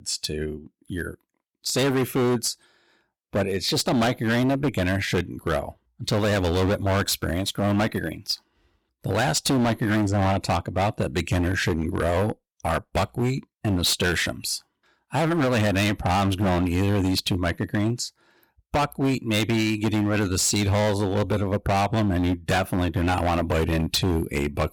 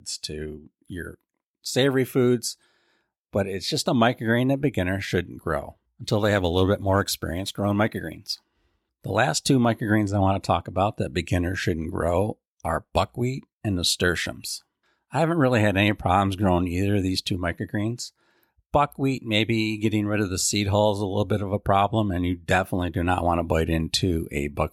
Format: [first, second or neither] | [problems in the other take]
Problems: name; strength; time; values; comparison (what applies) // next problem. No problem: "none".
second | distortion; heavy; 17% of the sound clipped